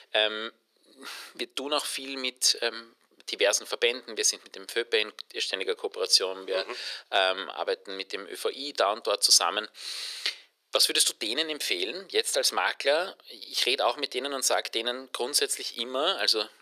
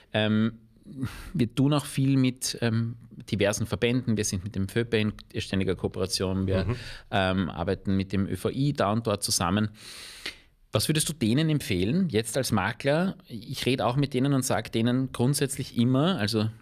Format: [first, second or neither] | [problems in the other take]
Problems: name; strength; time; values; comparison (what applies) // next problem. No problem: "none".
second | thin; very; fading below 400 Hz